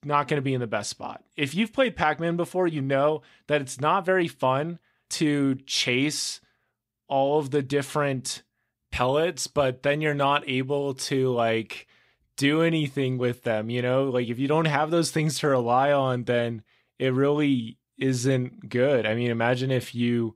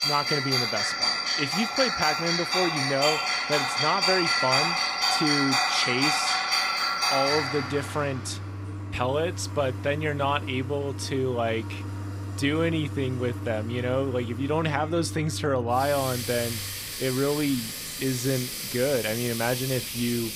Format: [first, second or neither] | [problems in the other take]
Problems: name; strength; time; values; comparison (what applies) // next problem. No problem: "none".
first | household noises; very loud; throughout; 1 dB above the speech